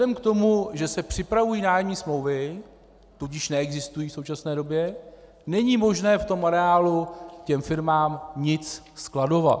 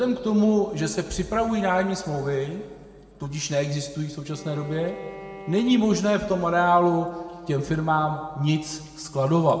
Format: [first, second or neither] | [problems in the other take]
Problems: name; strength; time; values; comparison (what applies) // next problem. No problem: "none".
first | background sound (Bowed string instrument); 18 dB below the speech // room echo; dies away in 1.8 s